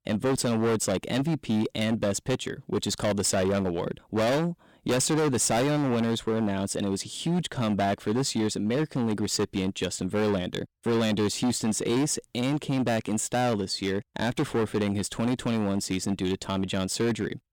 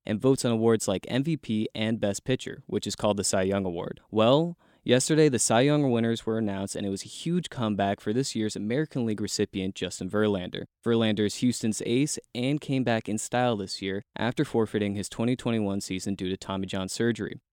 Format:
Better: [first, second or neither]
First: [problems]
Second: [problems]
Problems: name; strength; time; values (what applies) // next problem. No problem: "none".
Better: second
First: distortion; heavy; 18% of the sound clipped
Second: none